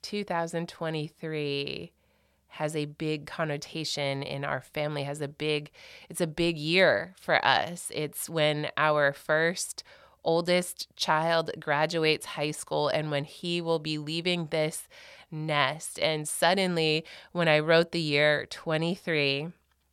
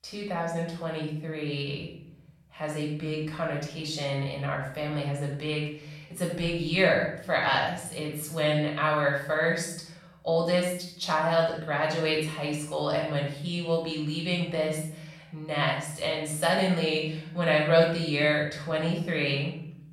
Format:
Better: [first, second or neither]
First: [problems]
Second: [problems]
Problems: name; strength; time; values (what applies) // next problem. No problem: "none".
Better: first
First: none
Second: off-mic speech; far // room echo; noticeable; dies away in 0.8 s